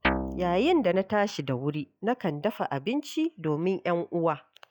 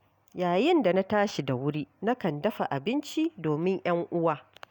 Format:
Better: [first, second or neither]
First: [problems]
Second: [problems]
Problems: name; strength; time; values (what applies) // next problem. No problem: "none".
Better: second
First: noise reduction (classical method log-MMSE)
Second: none